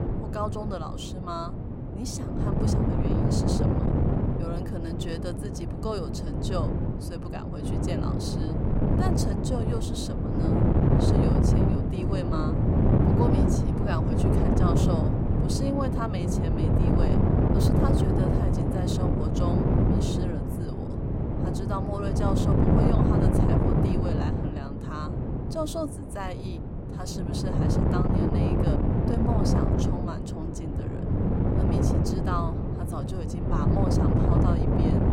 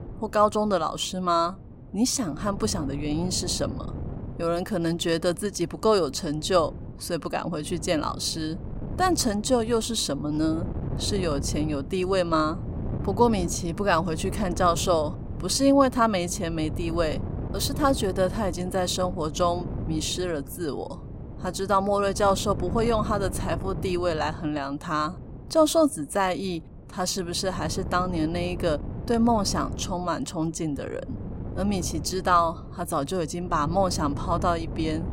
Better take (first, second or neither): second